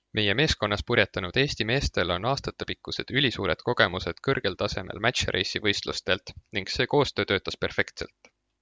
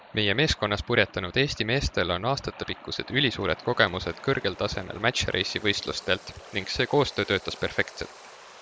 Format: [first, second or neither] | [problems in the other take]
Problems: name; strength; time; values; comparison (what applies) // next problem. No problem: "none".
first | background sound (Waves, surf); 20 dB below the speech